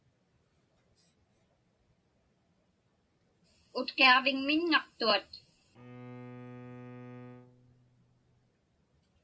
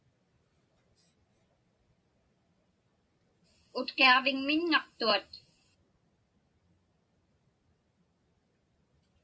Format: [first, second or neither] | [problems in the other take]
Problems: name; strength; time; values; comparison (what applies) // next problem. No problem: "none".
second | background sound (Bowed string instrument); 15 dB below the speech